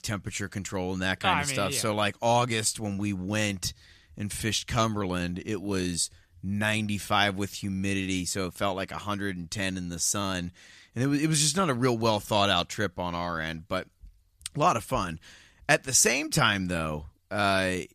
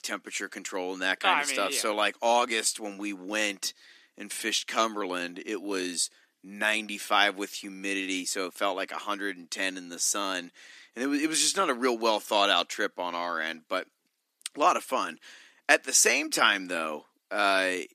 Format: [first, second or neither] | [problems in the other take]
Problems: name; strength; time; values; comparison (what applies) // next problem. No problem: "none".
first | thin; somewhat; fading below 250 Hz